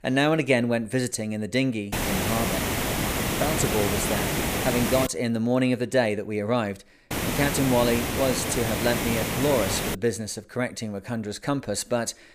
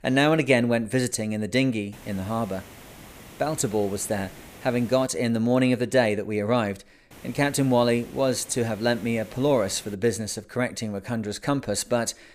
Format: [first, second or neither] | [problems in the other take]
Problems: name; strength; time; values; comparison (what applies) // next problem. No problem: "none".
second | hiss; loud; from 2 to 5 s and from 7 to 10 s; 1 dB below the speech; faint in the second